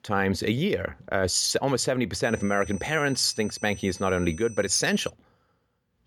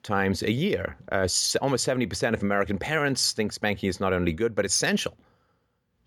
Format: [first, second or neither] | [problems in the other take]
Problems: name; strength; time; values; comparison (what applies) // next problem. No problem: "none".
second | high-pitched whine; noticeable; from 2 to 5 s; 6 kHz, 20 dB below the speech